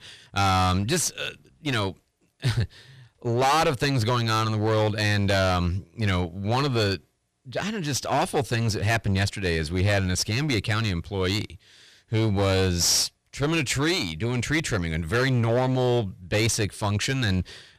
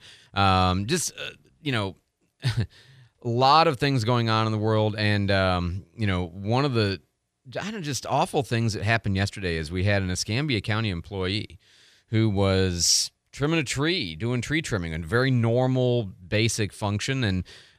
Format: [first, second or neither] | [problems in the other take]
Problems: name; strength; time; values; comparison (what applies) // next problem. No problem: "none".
second | distortion; heavy; 13% of the sound clipped